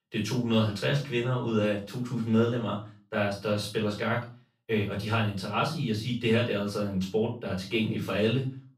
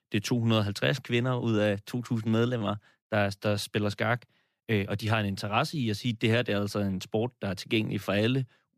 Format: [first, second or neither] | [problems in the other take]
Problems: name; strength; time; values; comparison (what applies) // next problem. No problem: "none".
second | off-mic speech; far // room echo; slight; dies away in 0.3 s